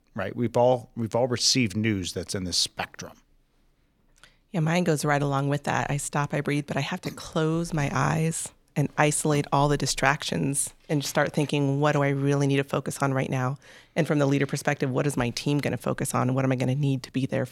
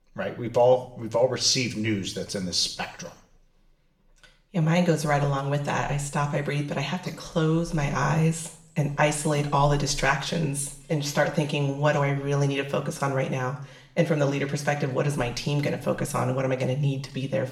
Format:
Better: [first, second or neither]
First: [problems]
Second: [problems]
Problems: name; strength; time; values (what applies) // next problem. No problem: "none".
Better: first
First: none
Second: room echo; slight; dies away in 0.5 s // off-mic speech; somewhat distant